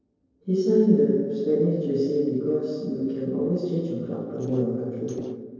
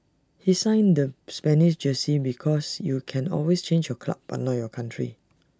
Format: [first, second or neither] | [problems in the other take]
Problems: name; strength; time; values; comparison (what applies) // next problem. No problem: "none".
second | noise reduction (neural separator model SepFormer DNS4)